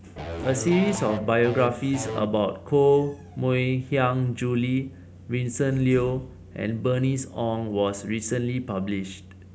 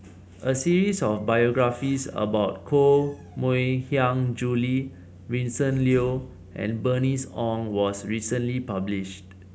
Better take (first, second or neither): second